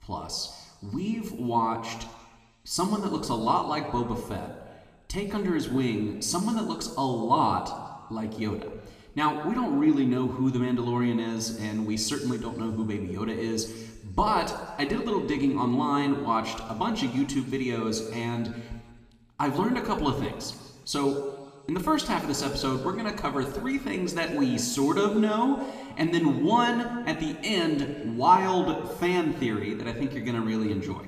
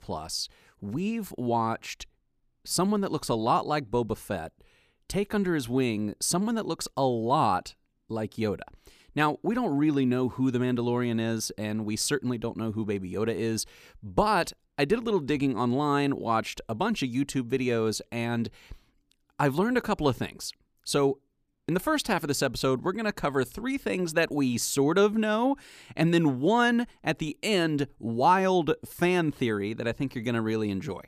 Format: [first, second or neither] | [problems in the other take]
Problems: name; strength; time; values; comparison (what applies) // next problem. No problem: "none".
second | room echo; slight; dies away in 1.4 s // off-mic speech; somewhat distant